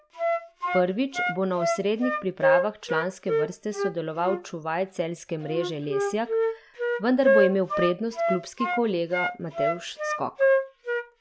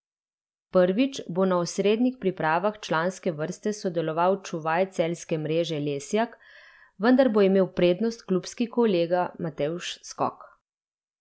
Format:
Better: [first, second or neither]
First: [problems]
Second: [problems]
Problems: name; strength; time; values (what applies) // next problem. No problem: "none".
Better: second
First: background sound (Wind instrument, woodwind instrument); 1 dB above the speech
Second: none